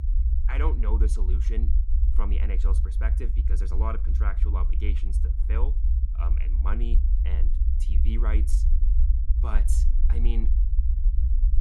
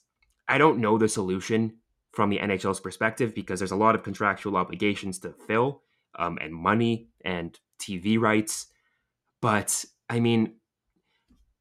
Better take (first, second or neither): second